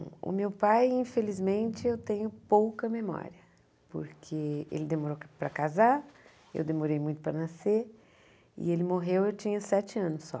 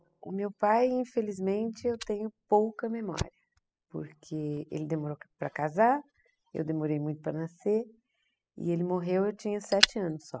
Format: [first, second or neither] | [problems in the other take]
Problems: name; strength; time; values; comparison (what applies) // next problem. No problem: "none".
first | noise reduction (classical method spectral subtraction)